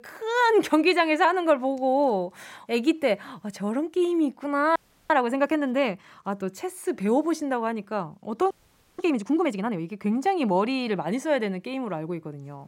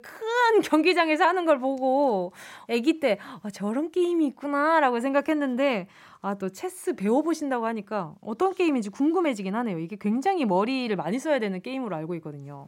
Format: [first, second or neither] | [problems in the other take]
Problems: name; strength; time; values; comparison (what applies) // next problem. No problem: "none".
second | audio freezing; at 5 s and at 8.5 s